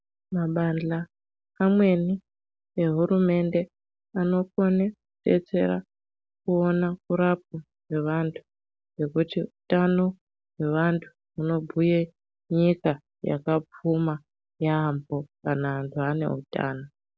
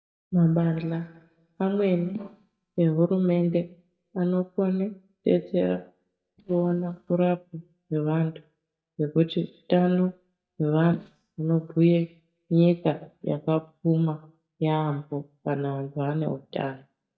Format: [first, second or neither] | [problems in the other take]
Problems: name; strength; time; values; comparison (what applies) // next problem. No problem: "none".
first | noise reduction (neural mask model DeepFilterNet 3)